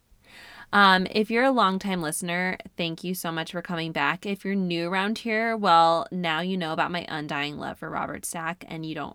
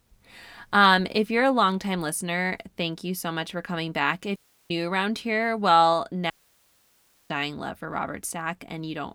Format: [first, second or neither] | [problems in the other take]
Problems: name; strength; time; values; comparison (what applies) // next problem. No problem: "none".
first | audio cutting out; at 4.5 s and at 6.5 s for 1 s